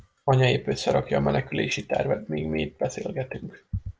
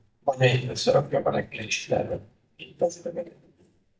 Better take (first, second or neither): first